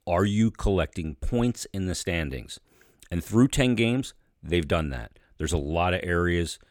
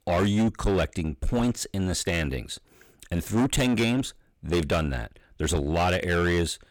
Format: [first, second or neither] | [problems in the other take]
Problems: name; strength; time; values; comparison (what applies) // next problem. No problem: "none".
first | distortion; heavy; 13% of the sound clipped